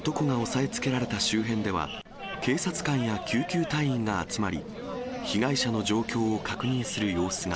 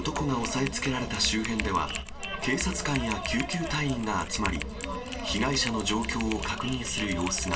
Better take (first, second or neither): first